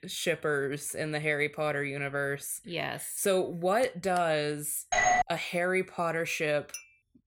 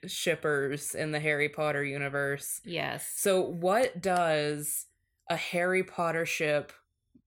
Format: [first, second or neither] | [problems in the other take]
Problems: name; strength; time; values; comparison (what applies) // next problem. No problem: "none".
second | doorbell; loud; at 5 s; peak 6 dB above the speech // clattering dishes; faint; at 6.5 s; peak 15 dB below the speech